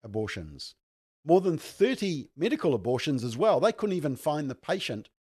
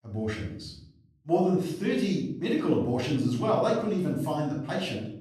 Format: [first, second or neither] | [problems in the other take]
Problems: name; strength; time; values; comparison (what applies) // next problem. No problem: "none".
first | off-mic speech; far // room echo; noticeable; dies away in 0.7 s